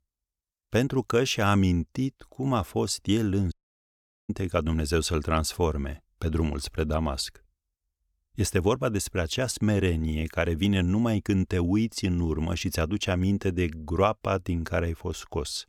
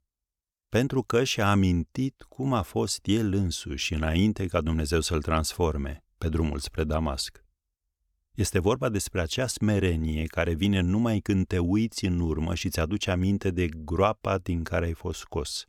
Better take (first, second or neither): second